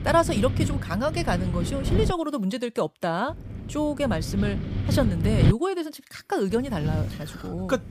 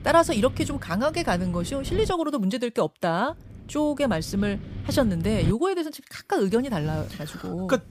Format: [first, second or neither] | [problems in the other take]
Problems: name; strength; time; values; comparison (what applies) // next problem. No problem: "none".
second | wind noise on the microphone; heavy; until 2 s, from 3.5 to 5.5 s and from 6.5 s on; 9 dB below the speech; occasional gusts in the second